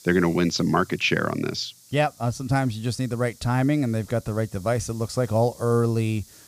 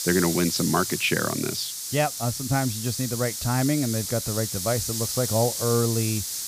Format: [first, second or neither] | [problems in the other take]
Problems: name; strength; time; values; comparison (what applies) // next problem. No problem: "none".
first | hiss; loud; throughout; 3 dB below the speech; faint in the first